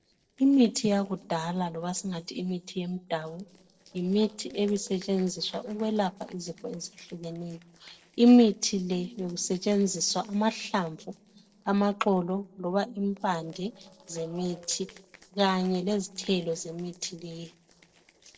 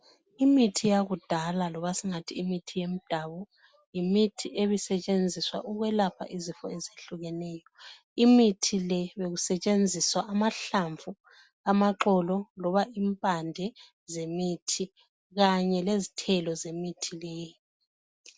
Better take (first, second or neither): second